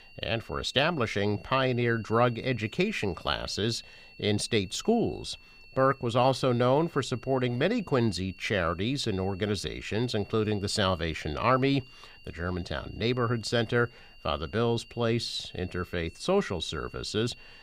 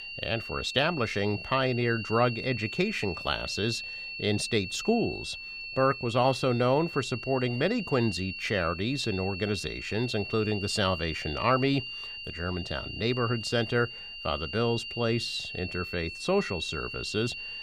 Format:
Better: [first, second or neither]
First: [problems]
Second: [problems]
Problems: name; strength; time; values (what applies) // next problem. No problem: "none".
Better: first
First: high-pitched whine; faint; throughout; 2.5 kHz, 25 dB below the speech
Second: high-pitched whine; loud; throughout; 2.5 kHz, 8 dB below the speech